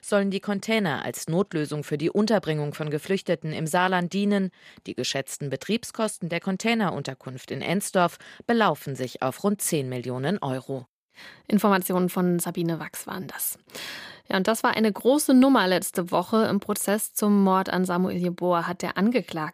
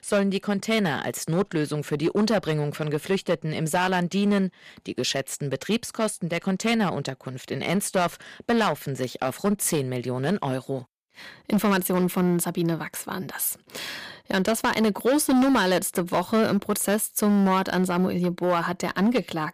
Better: first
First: none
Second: distortion; slight; 7% of the sound clipped

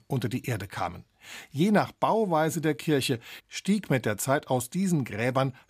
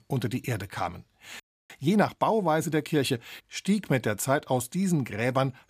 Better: first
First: none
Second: audio freezing; at 1.5 s

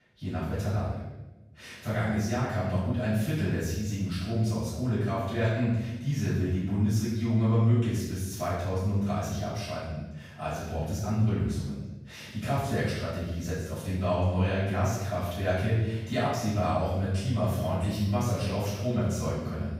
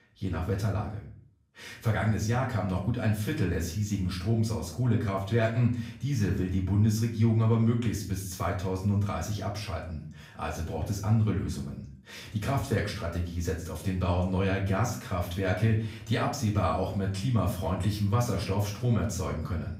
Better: second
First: room echo; strong; dies away in 0.9 s // off-mic speech; far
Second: room echo; slight; dies away in 0.4 s // off-mic speech; far

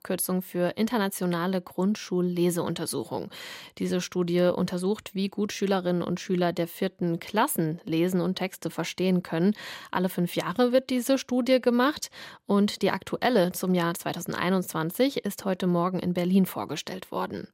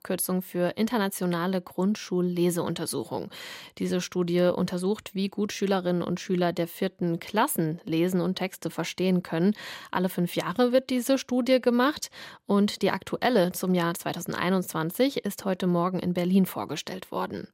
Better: neither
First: none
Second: none

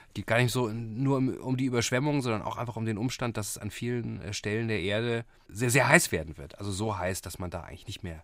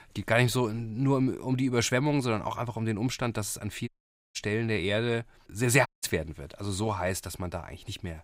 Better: first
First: none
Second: audio cutting out; at 4 s and at 6 s

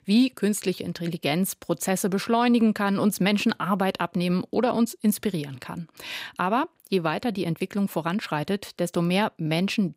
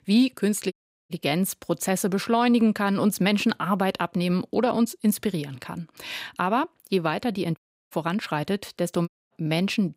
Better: first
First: none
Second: audio cutting out; at 0.5 s, at 7.5 s and at 9 s

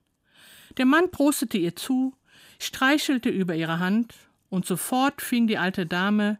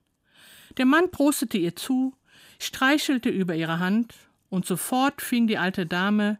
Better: neither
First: none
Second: none

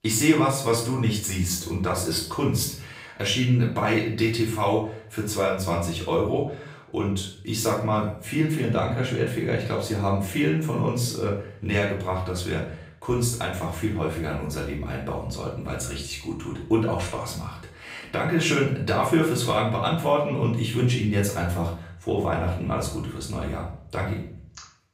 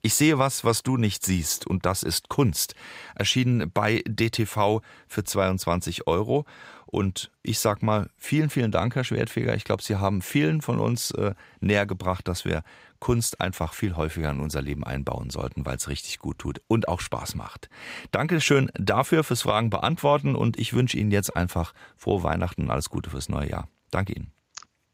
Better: second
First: room echo; noticeable; dies away in 0.5 s // off-mic speech; far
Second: none

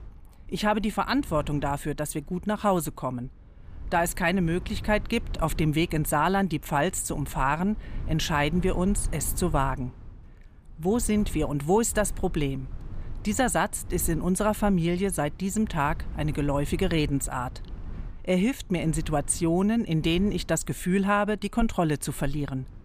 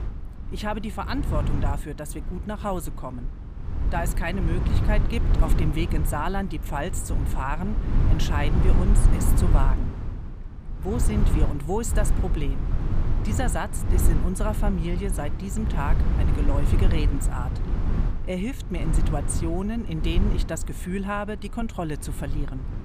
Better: first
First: low rumble; faint; throughout; 25 dB below the speech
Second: low rumble; loud; throughout; 6 dB below the speech

